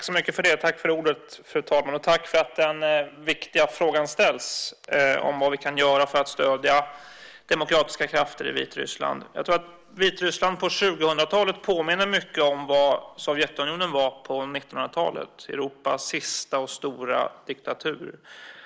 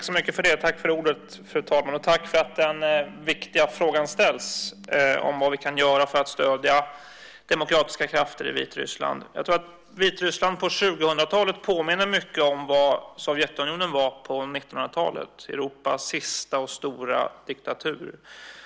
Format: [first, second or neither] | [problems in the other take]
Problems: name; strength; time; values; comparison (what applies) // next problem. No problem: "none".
second | noise reduction (neural mask model Resemble Enhance denoiser)